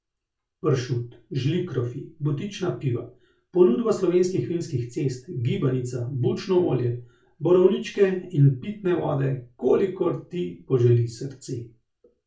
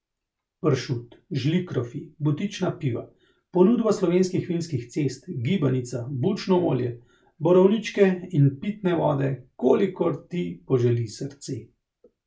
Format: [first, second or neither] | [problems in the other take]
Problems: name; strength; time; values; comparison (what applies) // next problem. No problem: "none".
second | room echo; dies away in 0.3 s